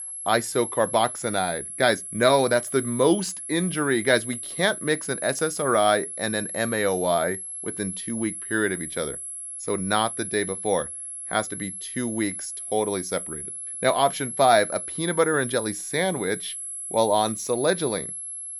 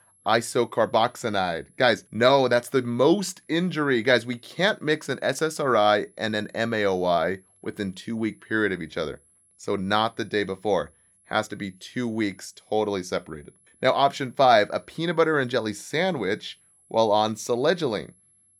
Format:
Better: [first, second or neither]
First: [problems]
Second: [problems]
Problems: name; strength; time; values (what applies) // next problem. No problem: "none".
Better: second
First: high-pitched whine; loud; throughout; 11 kHz, 7 dB below the speech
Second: high-pitched whine; faint; throughout; 11 kHz, 35 dB below the speech